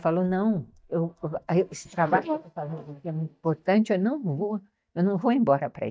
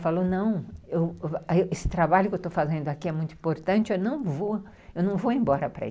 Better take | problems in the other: second | noise reduction (neural mask model DeepFilterNet 3)

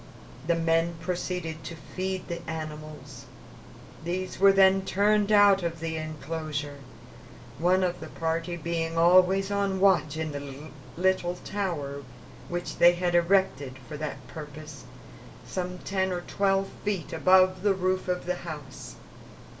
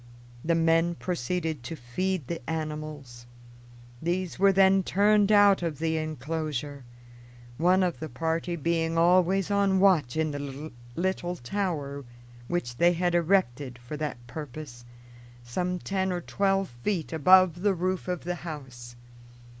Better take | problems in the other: second | background sound (Ocean); 19 dB below the speech // room echo; dies away in 0.2 s

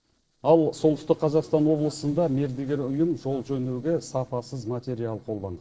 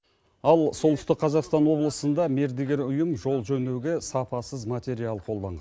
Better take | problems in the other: second | noise reduction (neural separator model SepFormer DNS4)

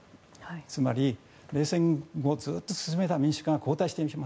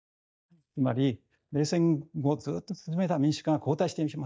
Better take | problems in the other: first | noise reduction (neural mask model DeepFilterNet 3)

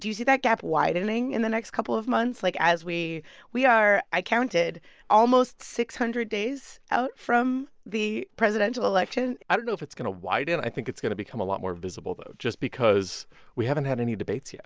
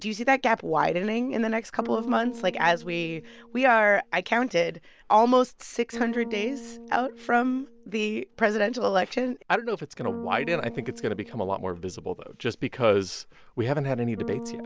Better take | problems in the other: first | background sound (Bass guitar); 16 dB below the speech

